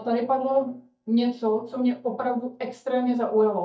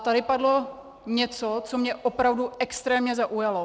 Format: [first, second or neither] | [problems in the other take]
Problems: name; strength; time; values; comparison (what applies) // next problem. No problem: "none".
second | noise reduction (neural mask model DeepFilterNet 3)